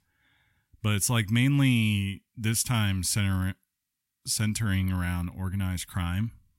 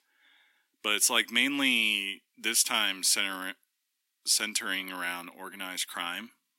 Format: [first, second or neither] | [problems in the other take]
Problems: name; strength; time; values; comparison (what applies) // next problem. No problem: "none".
first | thin; very; fading below 300 Hz